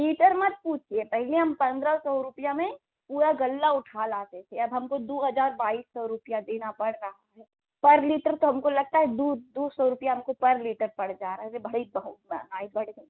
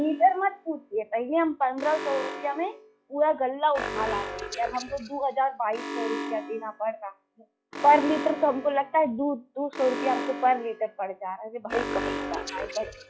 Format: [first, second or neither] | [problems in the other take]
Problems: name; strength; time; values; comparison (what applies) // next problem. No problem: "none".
first | noise reduction (classical method log-MMSE)